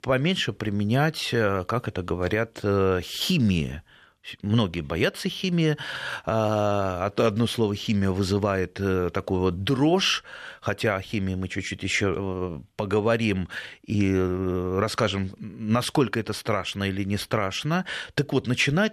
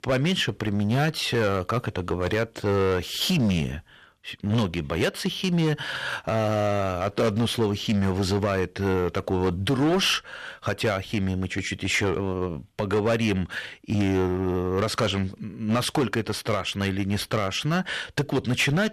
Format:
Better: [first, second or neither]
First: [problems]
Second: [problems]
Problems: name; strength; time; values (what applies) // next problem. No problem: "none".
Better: first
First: none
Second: distortion; slight; 9% of the sound clipped